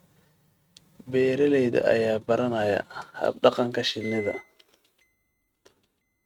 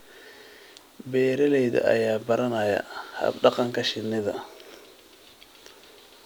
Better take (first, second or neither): second